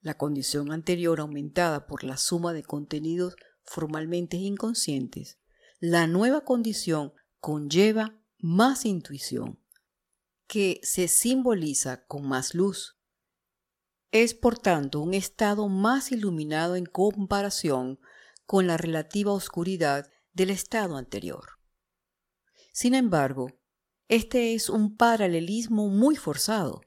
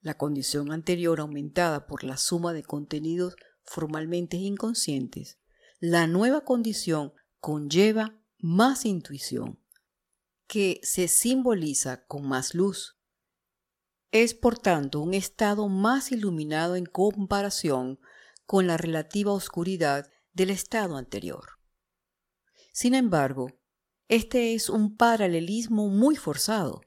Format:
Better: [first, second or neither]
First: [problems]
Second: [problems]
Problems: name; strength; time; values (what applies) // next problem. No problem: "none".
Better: neither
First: none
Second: none